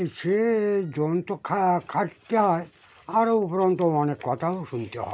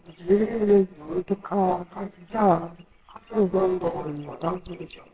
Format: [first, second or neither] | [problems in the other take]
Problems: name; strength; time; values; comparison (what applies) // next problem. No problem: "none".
first | noise reduction (neural separator model SepFormer WHAMR!)